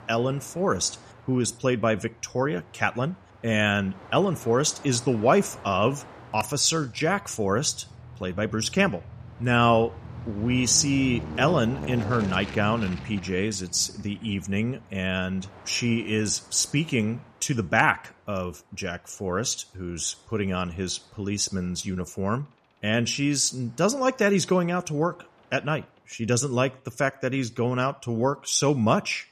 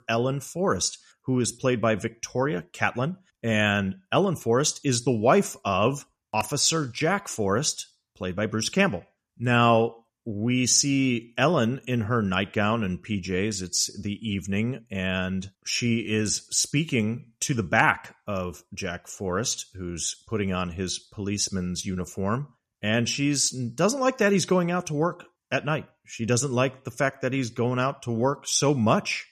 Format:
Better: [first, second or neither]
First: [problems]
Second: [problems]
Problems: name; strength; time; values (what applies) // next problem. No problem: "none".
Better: second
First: train or aircraft noise; noticeable; throughout; 15 dB below the speech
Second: none